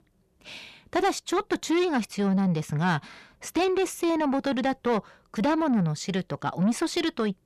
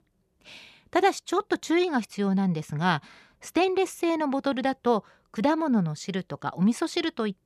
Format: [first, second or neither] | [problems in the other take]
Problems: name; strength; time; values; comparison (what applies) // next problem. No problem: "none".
second | distortion; slight; 10 dB below the speech